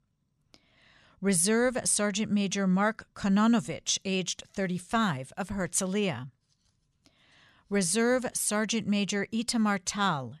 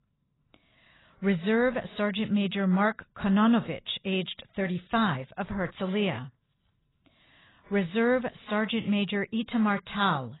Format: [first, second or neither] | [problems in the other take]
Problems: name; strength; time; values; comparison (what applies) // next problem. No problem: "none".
first | garbled, watery; badly; nothing above 4 kHz